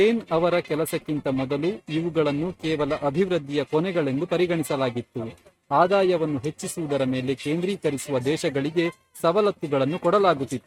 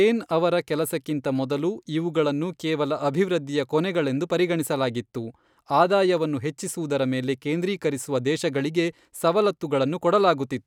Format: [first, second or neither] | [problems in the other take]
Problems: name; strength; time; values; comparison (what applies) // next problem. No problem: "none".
second | noise reduction (neural mask model RNNoise)